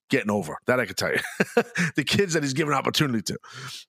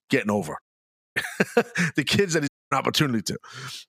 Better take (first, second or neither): first